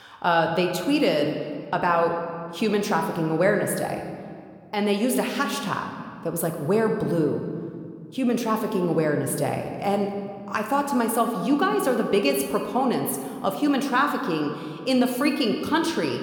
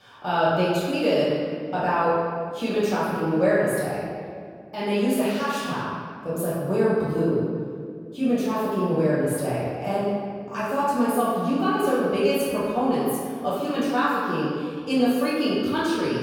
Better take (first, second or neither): first